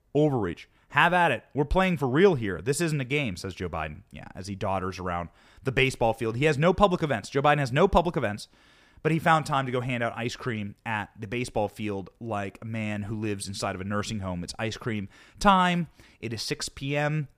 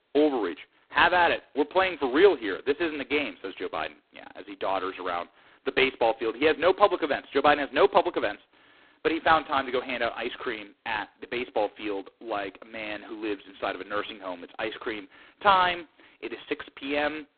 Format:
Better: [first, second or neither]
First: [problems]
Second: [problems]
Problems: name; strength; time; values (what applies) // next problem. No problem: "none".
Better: first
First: none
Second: phone-call audio; poor line; nothing above 4 kHz